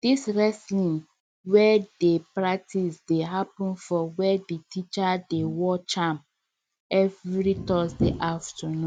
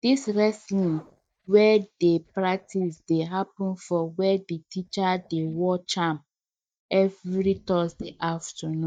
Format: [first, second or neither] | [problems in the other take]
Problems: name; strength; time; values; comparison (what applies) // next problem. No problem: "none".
first | noise reduction (neural mask model DeepFilterNet 3)